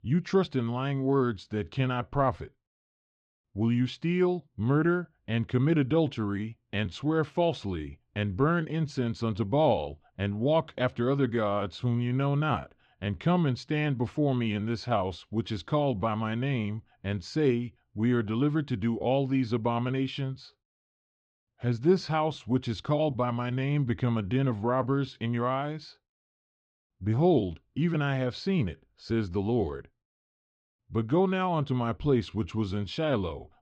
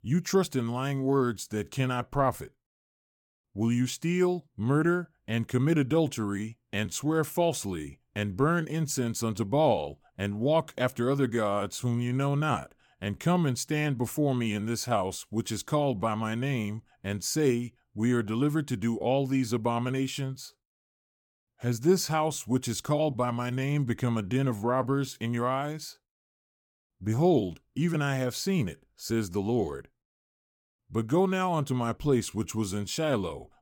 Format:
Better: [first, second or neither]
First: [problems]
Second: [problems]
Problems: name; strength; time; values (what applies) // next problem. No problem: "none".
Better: second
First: muffled; slightly; fading above 4 kHz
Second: none